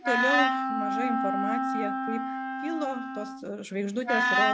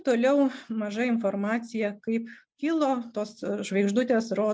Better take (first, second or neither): second